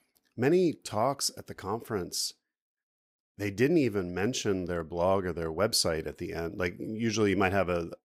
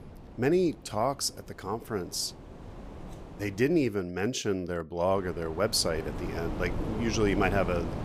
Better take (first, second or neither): first